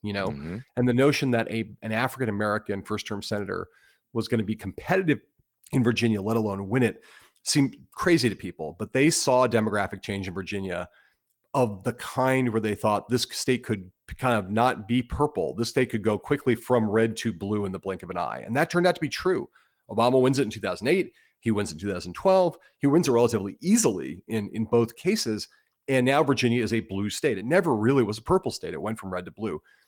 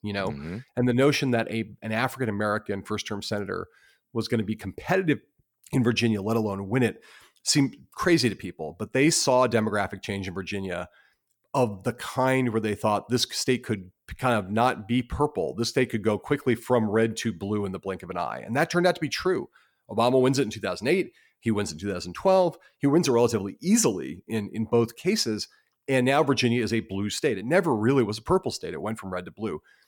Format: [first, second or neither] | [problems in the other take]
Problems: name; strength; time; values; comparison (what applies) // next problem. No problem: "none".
second | garbled, watery; slightly; nothing above 18 kHz